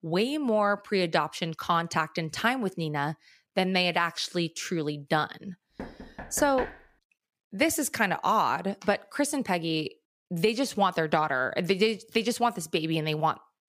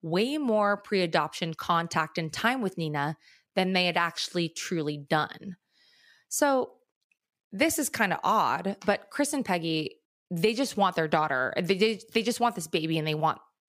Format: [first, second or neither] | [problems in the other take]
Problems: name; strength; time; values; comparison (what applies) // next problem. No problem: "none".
second | door banging; noticeable; at 6 s; peak 10 dB below the speech